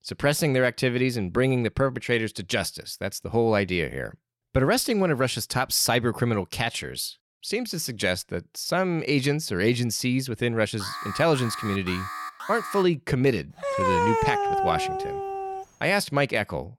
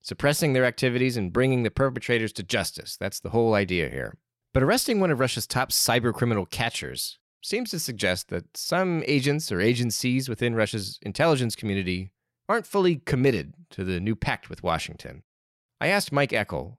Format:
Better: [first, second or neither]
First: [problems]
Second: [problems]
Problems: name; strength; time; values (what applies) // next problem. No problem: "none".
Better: second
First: alarm; noticeable; from 11 to 13 s; peak 8 dB below the speech // dog barking; loud; from 14 to 16 s; peak 3 dB above the speech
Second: none